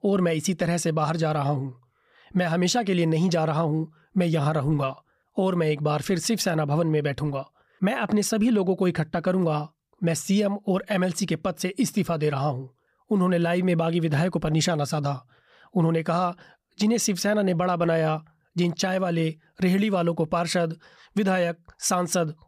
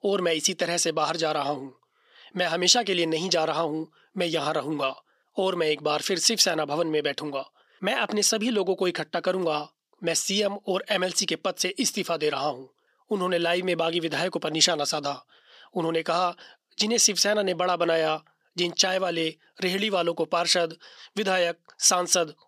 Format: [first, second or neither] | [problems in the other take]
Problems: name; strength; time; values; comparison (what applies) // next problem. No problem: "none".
first | thin; somewhat; fading below 300 Hz